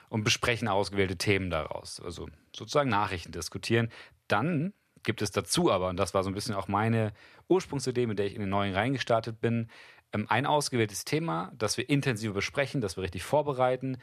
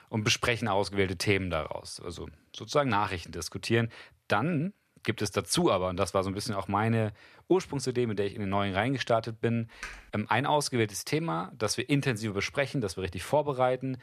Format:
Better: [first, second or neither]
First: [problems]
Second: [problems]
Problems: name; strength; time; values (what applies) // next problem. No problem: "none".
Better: first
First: none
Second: keyboard typing; faint; at 10 s; peak 15 dB below the speech